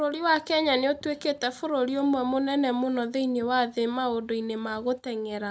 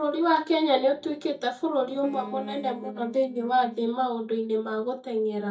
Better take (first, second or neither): first